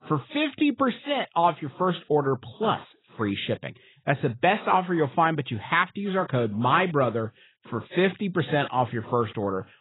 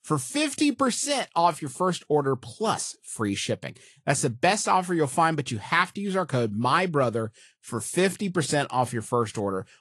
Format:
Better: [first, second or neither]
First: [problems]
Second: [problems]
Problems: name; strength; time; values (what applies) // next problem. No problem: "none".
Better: second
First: garbled, watery; badly; nothing above 4 kHz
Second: garbled, watery; slightly